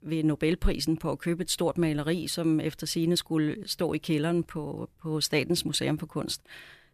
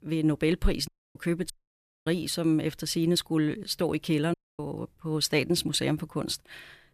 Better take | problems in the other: first | audio cutting out; at 1 s, at 1.5 s for 0.5 s and at 4.5 s

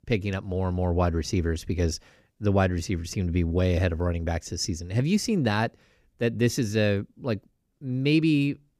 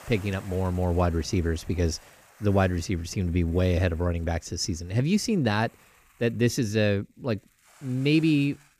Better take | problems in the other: first | hiss; faint; throughout; 25 dB below the speech

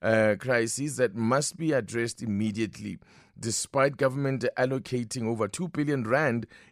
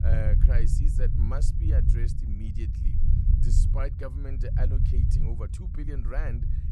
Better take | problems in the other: first | low rumble; loud; throughout; 2 dB below the speech

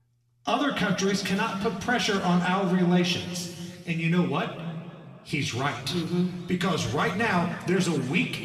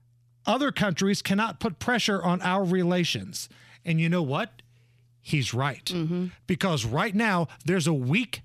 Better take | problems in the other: second | room echo; noticeable; dies away in 2 s // off-mic speech; somewhat distant

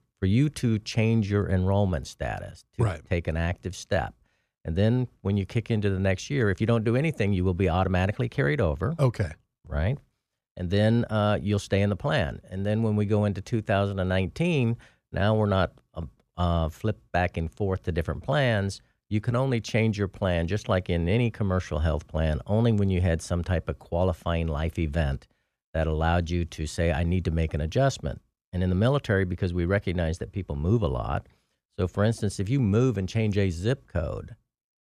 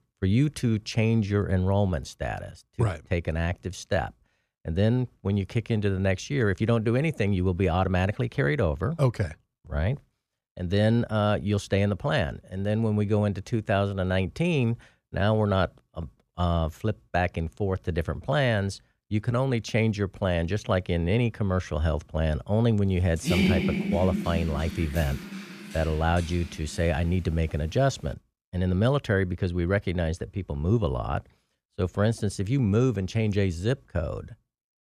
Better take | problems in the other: first | dog barking; loud; from 23 to 26 s; peak 3 dB above the speech

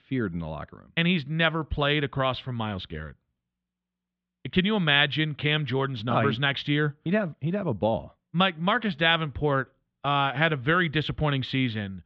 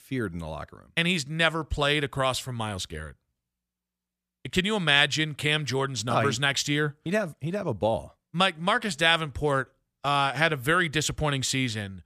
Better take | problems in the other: second | muffled; very; fading above 3.5 kHz

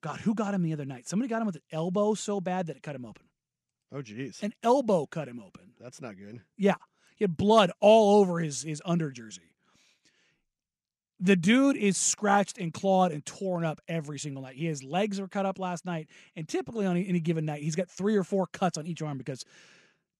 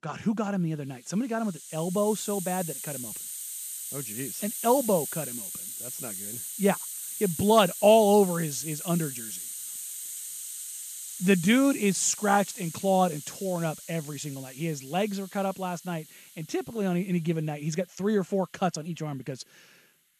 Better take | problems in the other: first | hiss; loud; throughout; 8 dB below the speech

